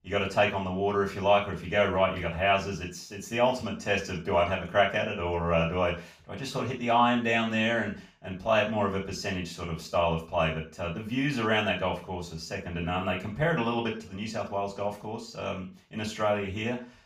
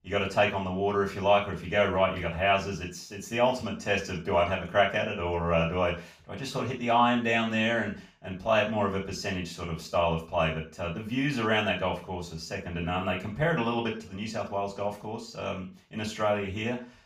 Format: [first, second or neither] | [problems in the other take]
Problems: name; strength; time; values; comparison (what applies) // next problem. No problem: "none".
neither | room echo; slight; dies away in 0.3 s; the same in both // off-mic speech; far; the same in both